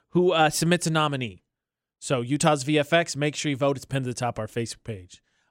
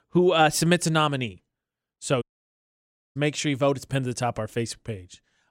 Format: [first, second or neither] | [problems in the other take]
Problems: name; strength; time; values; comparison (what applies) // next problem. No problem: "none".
first | audio cutting out; at 2 s for 1 s